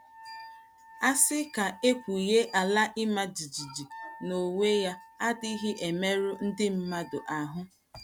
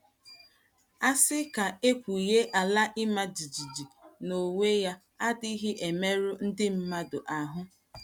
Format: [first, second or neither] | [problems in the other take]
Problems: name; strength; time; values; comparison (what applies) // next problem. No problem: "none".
second | background sound (Wind instrument, woodwind instrument); 20 dB below the speech